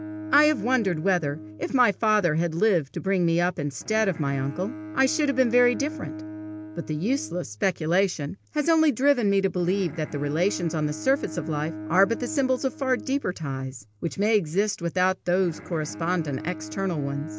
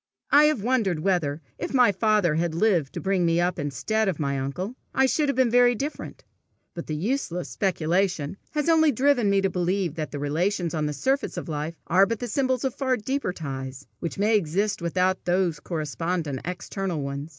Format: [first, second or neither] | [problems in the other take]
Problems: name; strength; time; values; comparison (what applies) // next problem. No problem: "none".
second | background sound (Bowed string instrument); 14 dB below the speech